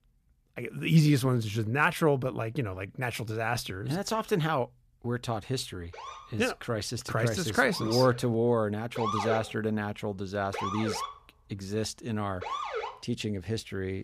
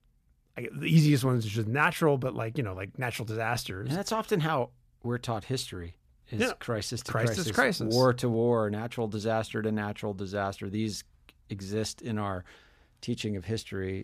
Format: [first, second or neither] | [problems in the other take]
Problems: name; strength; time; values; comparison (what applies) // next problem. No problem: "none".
second | siren; noticeable; from 6 to 13 s; peak 1 dB below the speech